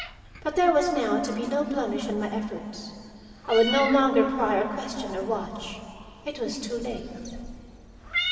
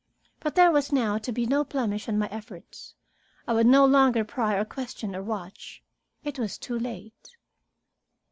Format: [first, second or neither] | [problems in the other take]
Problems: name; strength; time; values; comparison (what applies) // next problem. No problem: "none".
second | background sound (Meow); 11 dB below the speech // room echo; dies away in 2.8 s